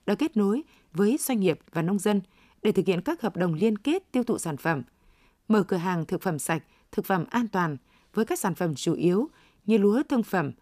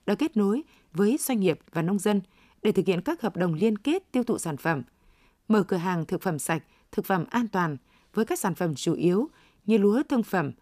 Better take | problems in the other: neither | none

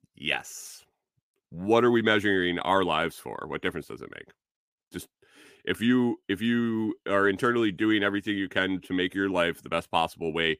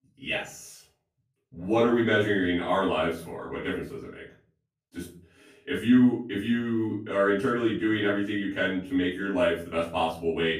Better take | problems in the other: first | off-mic speech; far // room echo; noticeable; dies away in 0.4 s

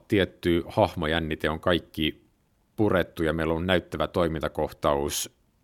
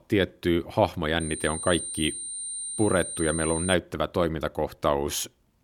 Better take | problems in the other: first | high-pitched whine; loud; from 1 to 3.5 s; 9 kHz, 5 dB below the speech

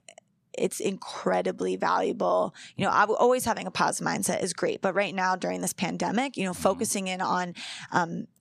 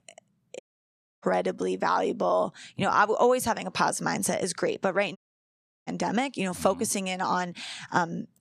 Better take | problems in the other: first | audio cutting out; at 0.5 s for 0.5 s and at 5 s for 0.5 s

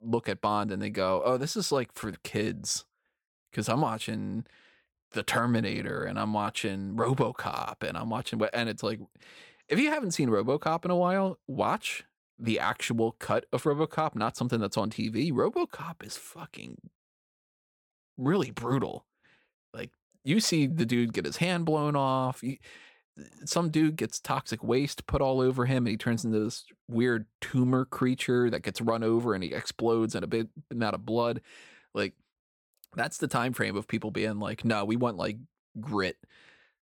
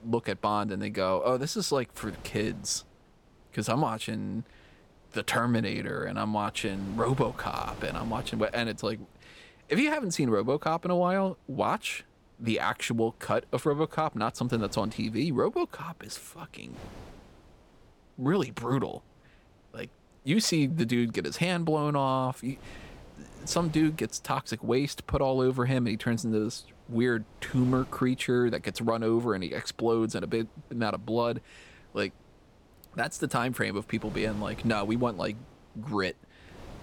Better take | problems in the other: first | wind noise on the microphone; occasional gusts; 25 dB below the speech

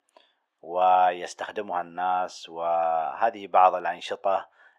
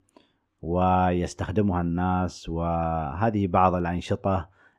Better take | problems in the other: second | thin; very; fading below 650 Hz

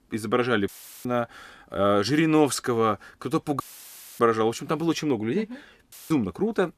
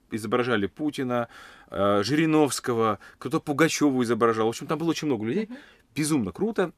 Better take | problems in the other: second | audio cutting out; filled with static; at 0.5 s, at 3.5 s for 0.5 s and at 6 s

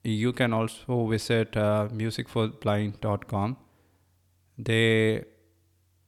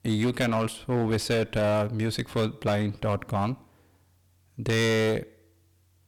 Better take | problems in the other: first | distortion; heavy; 14% of the sound clipped

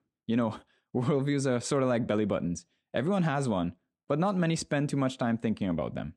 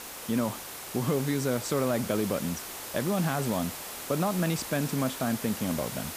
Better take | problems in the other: first | hiss; loud; throughout; 7 dB below the speech

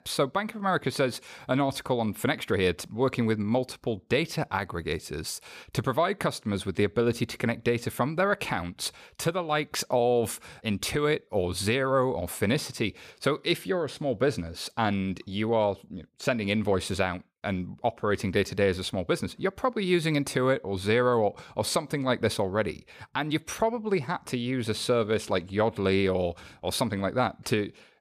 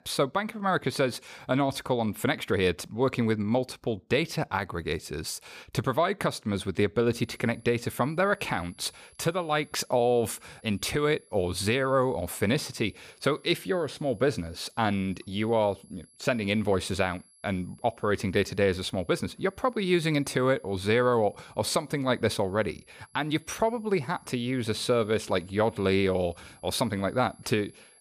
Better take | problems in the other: first | high-pitched whine; faint; from 7 s on; 11 kHz, 30 dB below the speech

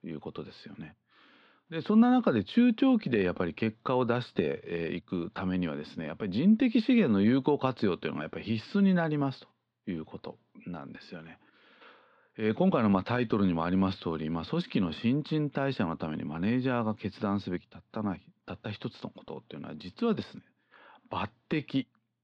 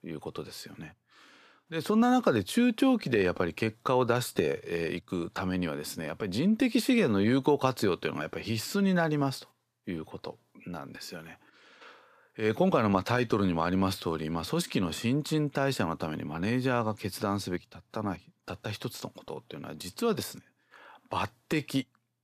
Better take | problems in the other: second | muffled; very slightly; fading above 3.5 kHz

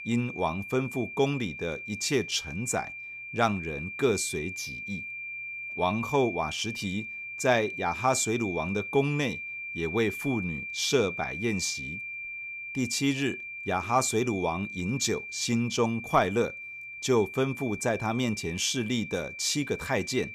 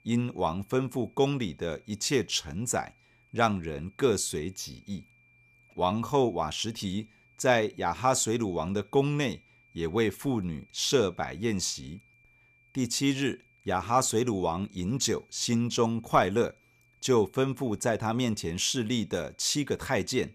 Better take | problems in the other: second | high-pitched whine; loud; throughout; 2.5 kHz, 7 dB below the speech; faint in the second

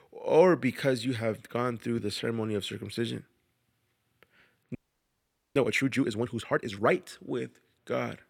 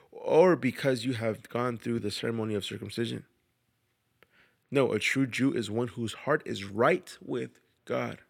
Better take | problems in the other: second | audio freezing; at 5 s for 1 s

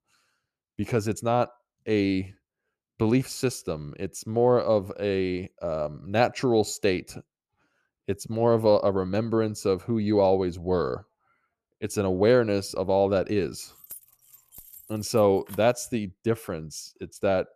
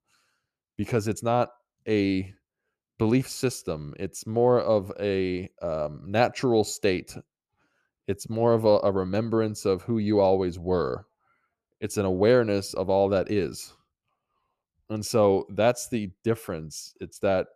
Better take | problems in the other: second | jangling keys; faint; from 14 to 16 s; peak 15 dB below the speech

